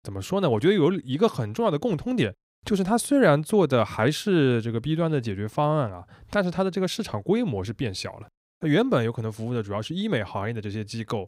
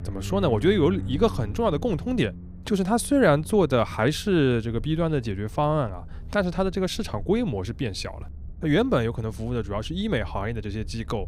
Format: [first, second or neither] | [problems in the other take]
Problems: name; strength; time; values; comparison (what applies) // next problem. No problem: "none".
first | low rumble; faint; throughout; 25 dB below the speech